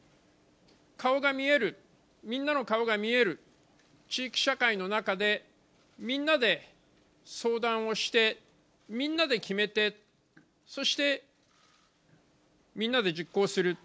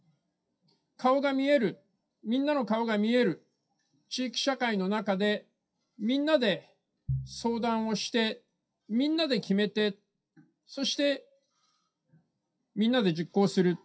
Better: first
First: none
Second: noise reduction (classical method WPE with log-MMSE)

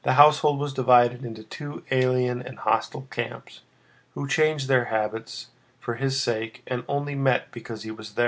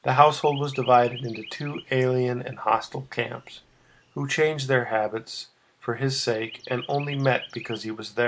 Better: first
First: none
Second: noise reduction (neural mask model Resemble Enhance denoiser)

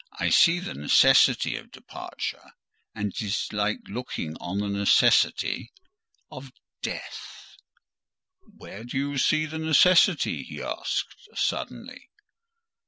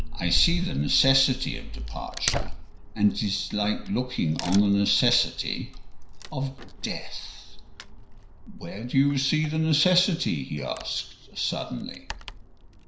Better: first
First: none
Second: background sound (Tearing / Wood); 7 dB below the speech // room echo; dies away in 0.5 s

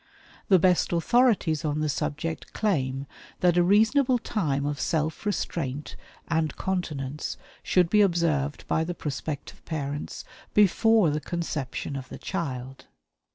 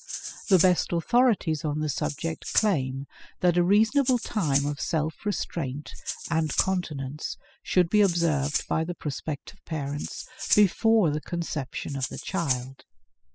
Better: first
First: none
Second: noise reduction (classical method spectral subtraction)

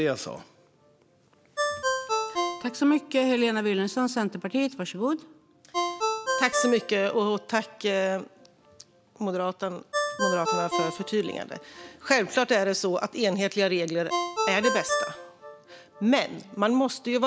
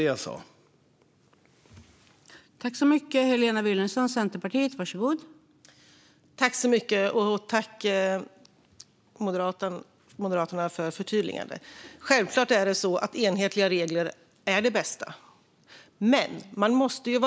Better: second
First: background sound (Ringtone); 6 dB below the speech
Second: none

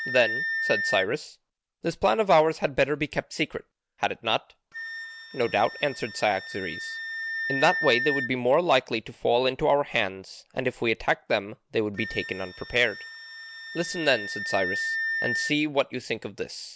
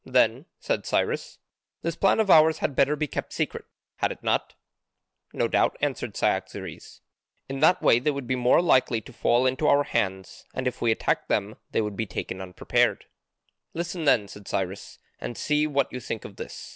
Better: second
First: background sound (Wind instrument, woodwind instrument); 8 dB below the speech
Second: none

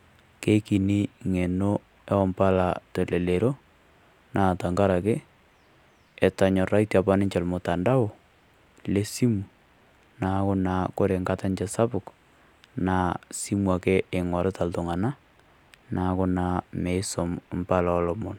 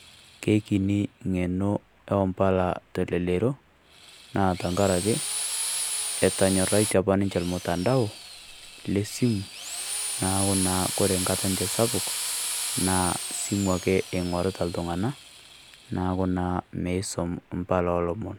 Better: first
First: none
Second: background sound (Drill); 8 dB below the speech

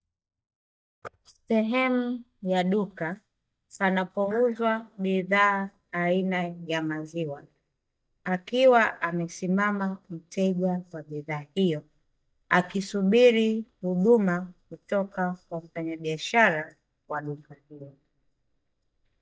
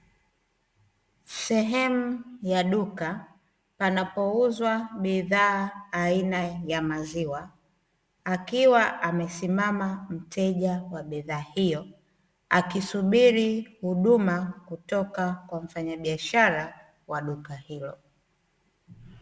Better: second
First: noise reduction (neural mask model DeepFilterNet 3)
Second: none

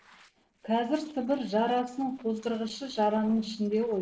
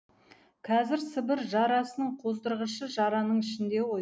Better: second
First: noise reduction (neural separator model SepFormer DNS4)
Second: none

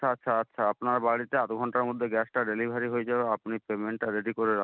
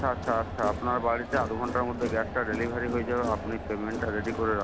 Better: first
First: none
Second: background sound (Crowd); 5 dB below the speech

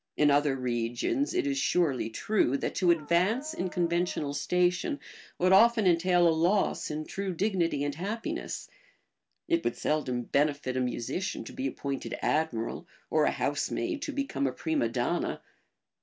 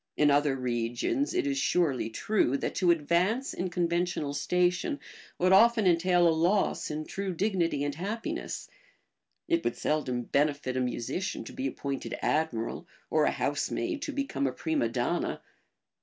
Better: second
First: background sound (Dog); 20 dB below the speech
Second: none

